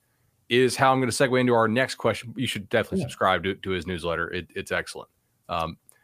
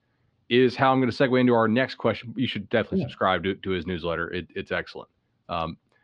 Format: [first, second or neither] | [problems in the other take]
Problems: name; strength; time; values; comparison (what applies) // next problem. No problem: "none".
first | muffled; very slightly; fading above 4 kHz